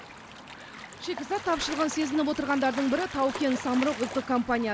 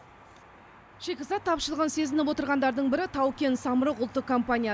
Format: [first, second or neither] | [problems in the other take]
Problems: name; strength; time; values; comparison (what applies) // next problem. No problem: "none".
second | background sound (Gull, seagull / Waves, surf); 12 dB below the speech